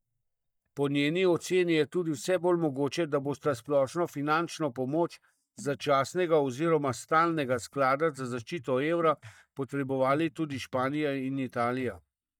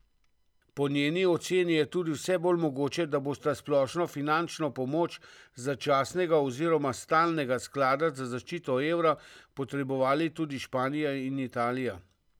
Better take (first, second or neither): second